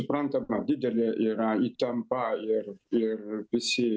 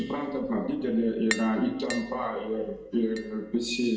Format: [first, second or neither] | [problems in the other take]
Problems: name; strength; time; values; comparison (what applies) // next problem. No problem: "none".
first | background sound (Tap); 13 dB below the speech // room echo; dies away in 1 s